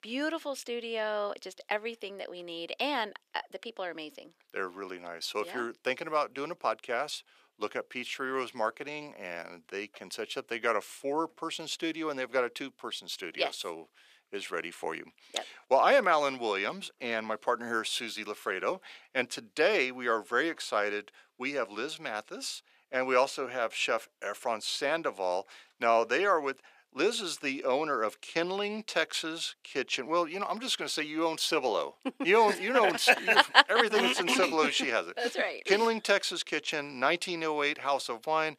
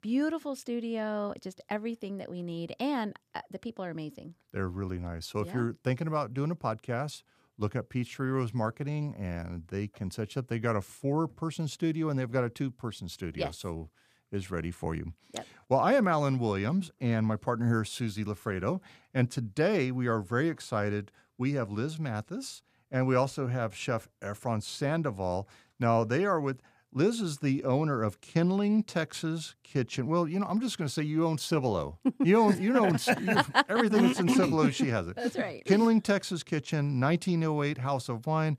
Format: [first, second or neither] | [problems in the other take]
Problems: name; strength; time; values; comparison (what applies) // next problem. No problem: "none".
second | thin; very; fading below 400 Hz